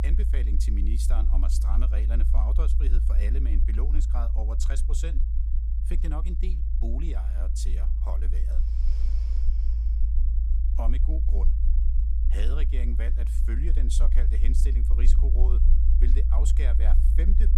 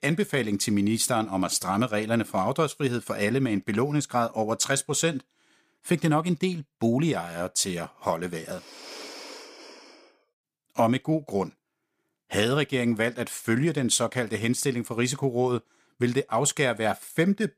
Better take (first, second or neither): second